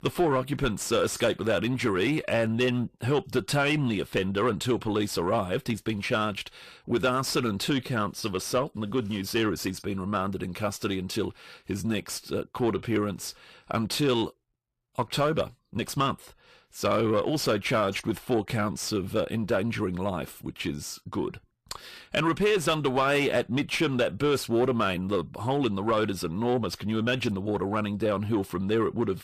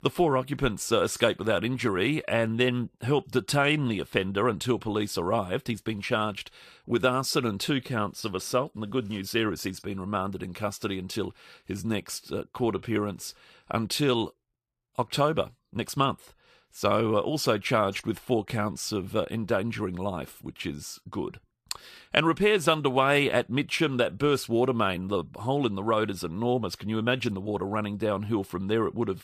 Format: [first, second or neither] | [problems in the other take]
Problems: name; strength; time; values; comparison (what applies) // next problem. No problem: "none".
second | distortion; slight; 10 dB below the speech